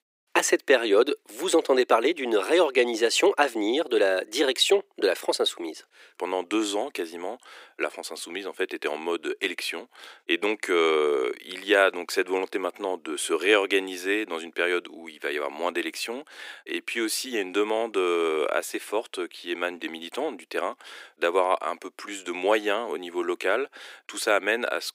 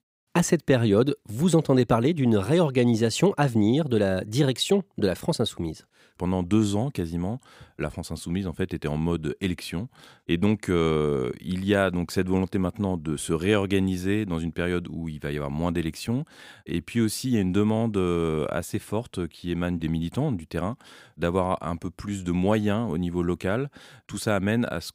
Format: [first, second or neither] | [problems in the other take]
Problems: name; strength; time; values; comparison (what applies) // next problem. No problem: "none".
second | thin; very; fading below 350 Hz